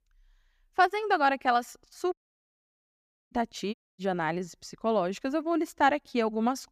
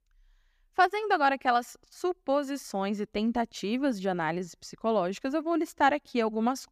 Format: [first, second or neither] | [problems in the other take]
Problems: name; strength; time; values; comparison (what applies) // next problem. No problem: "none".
second | audio cutting out; at 2 s for 1 s and at 3.5 s